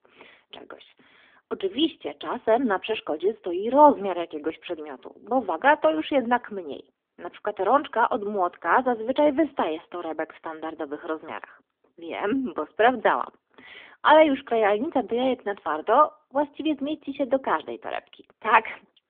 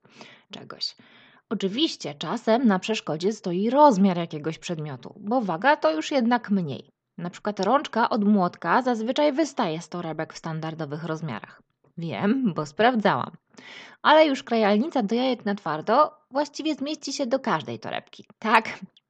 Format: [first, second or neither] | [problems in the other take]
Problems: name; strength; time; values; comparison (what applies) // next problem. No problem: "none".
second | phone-call audio; nothing above 3.5 kHz